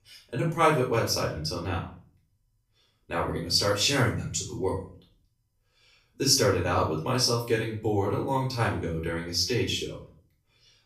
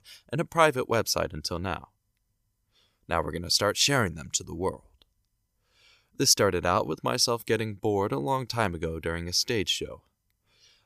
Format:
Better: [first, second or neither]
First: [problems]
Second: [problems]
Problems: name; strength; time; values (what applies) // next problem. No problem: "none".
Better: second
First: off-mic speech; far // room echo; noticeable; dies away in 0.4 s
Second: none